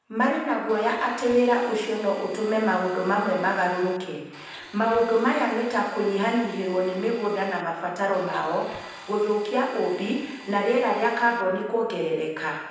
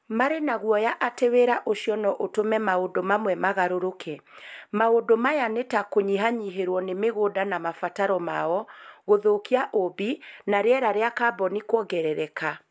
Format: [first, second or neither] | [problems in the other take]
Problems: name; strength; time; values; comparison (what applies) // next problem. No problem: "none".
second | background sound (Domestic sounds, home sounds); 19 dB below the speech // room echo; dies away in 1 s